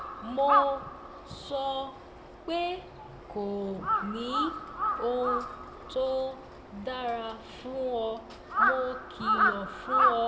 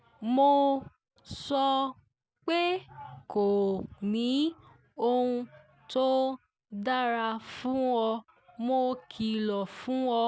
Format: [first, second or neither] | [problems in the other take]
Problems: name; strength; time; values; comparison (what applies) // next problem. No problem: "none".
second | background sound (Crow); 1 dB above the speech // room echo; dies away in 1.2 s